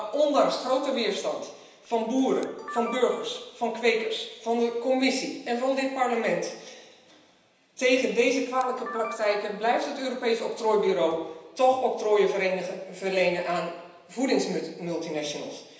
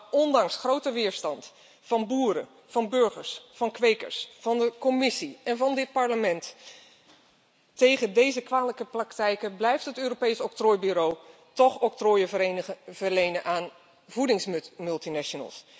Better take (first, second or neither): second